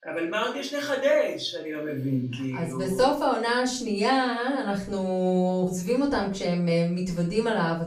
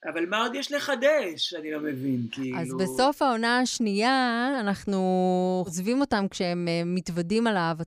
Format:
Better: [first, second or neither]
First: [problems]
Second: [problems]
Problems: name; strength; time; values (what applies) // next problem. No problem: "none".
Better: second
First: off-mic speech; far // room echo; slight; dies away in 0.4 s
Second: none